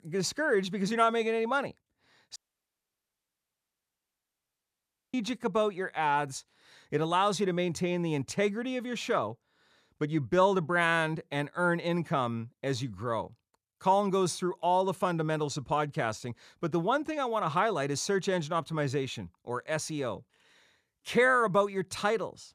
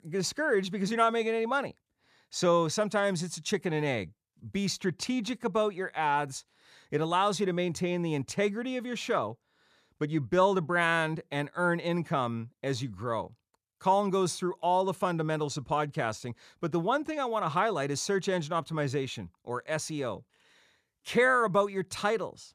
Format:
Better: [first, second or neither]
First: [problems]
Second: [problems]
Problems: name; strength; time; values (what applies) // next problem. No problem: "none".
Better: second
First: audio cutting out; at 2.5 s for 3 s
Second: none